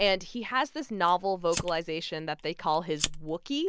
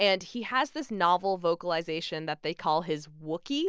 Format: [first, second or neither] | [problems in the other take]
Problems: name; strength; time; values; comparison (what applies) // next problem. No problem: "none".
second | background sound (Fire); 11 dB below the speech